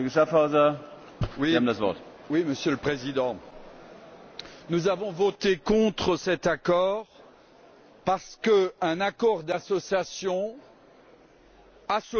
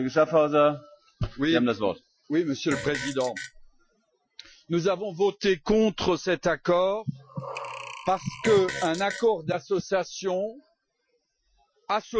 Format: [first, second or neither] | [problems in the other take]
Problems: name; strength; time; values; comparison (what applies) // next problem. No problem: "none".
first | noise reduction (classical method Wiener filter)